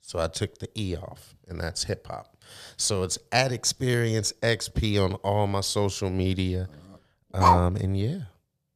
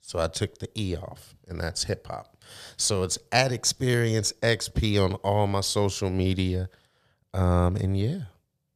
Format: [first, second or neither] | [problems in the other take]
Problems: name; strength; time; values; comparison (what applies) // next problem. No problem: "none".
second | dog barking; loud; at 7.5 s; peak 5 dB above the speech